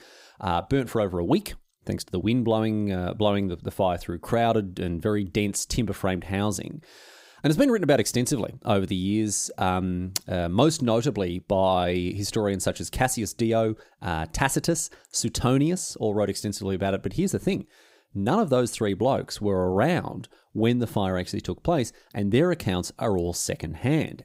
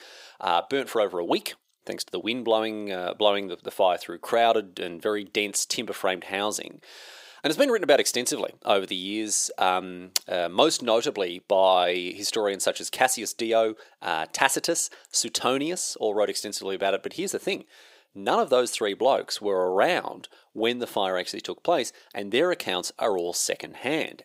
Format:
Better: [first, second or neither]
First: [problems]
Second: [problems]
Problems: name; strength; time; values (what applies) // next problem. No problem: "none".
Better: first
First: none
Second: thin; somewhat; fading below 500 Hz